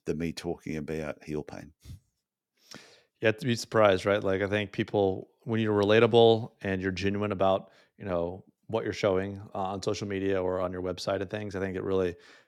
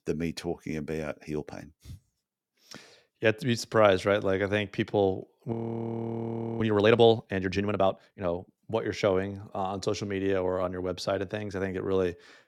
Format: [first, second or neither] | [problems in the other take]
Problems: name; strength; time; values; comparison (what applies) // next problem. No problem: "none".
first | audio freezing; at 5.5 s for 1 s